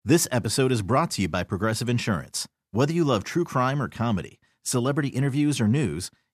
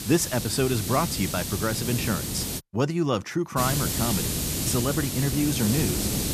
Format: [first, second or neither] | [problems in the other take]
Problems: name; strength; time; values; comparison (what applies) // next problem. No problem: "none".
first | hiss; loud; until 2.5 s and from 3.5 s on; 1 dB below the speech